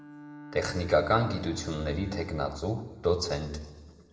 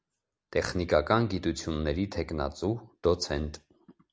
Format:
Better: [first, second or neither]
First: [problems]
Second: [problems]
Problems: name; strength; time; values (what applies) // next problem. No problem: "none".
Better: second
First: background sound (Bowed string instrument); 17 dB below the speech // room echo; dies away in 1.6 s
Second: none